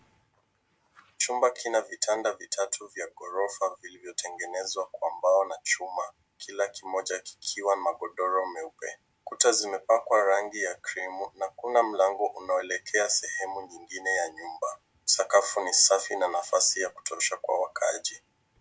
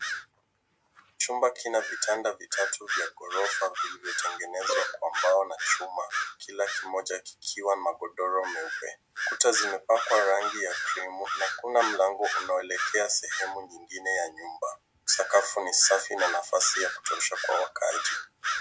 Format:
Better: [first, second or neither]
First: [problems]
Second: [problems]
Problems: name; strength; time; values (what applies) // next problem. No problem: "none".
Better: first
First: none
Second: background sound (Bird vocalization, bird call, bird song + Bowed string instrument); 5 dB below the speech